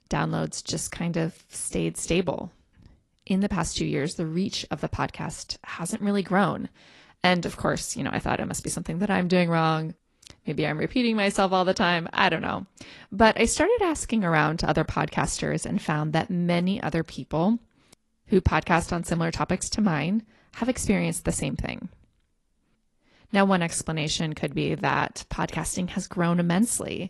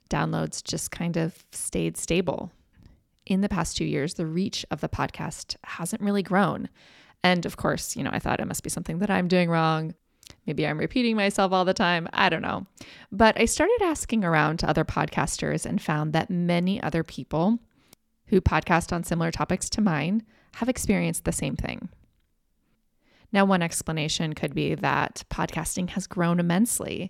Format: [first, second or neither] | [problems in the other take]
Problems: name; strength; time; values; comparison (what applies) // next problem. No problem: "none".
second | garbled, watery; slightly; nothing above 11.5 kHz